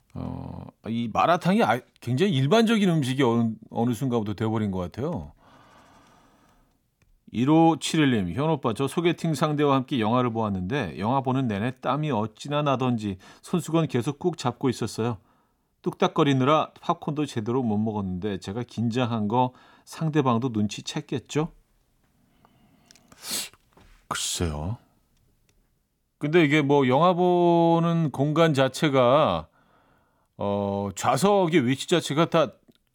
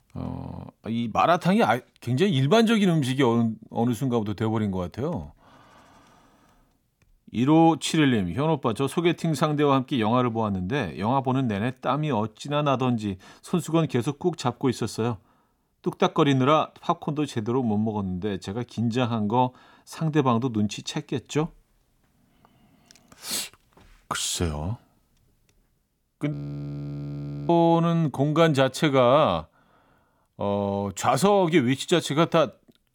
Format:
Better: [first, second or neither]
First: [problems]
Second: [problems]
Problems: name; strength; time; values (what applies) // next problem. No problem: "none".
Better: first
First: none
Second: audio freezing; at 26 s for 1 s